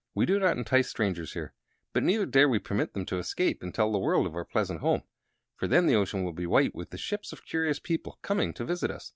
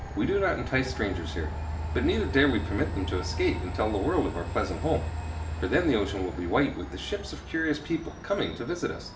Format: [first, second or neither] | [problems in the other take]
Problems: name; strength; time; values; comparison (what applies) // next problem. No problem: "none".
first | background sound (Train); 6 dB below the speech // room echo; dies away in 0.5 s